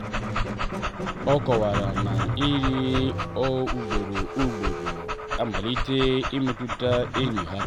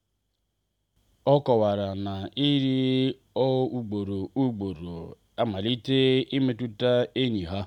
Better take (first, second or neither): second